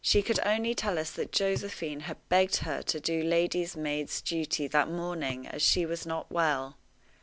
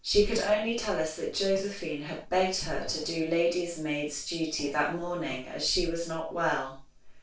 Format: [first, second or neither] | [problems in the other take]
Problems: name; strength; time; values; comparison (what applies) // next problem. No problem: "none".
first | noise reduction (neural separator model SepFormer DNS4)